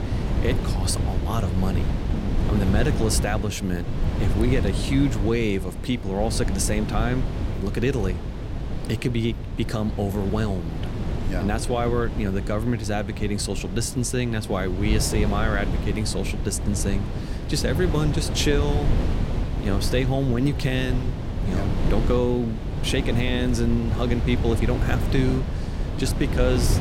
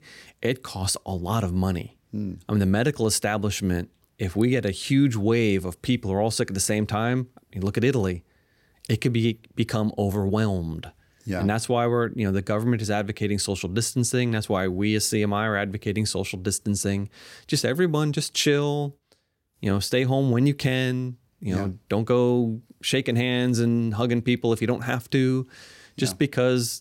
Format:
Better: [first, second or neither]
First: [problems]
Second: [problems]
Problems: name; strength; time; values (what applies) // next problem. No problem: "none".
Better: second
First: wind noise on the microphone; heavy; 7 dB below the speech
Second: none